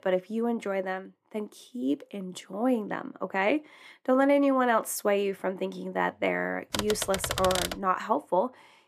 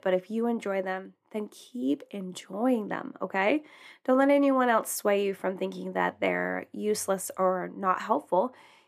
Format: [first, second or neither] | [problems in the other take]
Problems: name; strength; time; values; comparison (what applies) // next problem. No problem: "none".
second | keyboard typing; noticeable; from 6.5 to 8 s; peak 1 dB below the speech